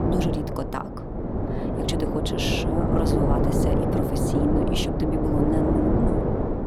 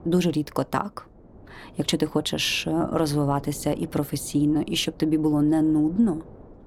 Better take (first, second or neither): second